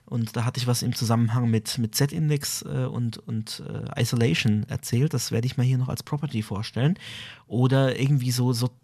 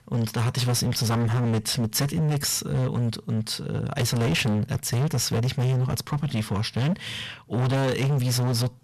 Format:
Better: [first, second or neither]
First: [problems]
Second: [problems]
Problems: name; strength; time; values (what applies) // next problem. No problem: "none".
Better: first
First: none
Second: distortion; heavy; 27% of the sound clipped